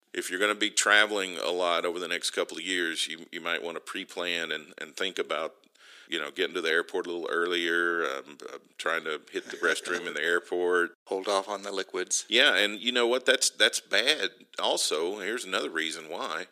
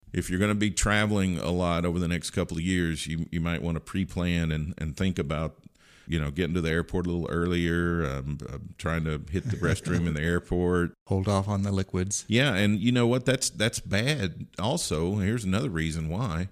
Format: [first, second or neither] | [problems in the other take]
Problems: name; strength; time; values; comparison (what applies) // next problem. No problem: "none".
second | thin; very; fading below 350 Hz